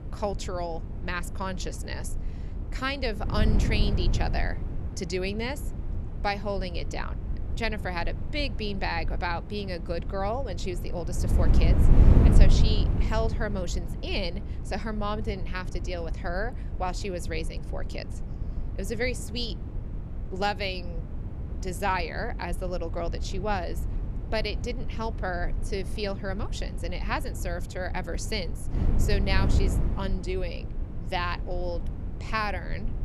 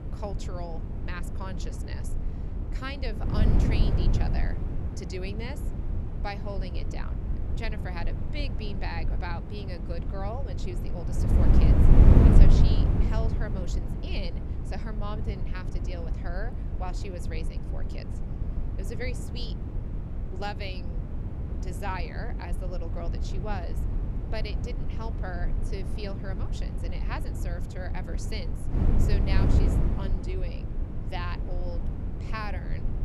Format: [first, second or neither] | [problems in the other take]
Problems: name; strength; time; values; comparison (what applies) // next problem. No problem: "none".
first | wind noise on the microphone; heavy; 1 dB below the speech; occasional gusts in the first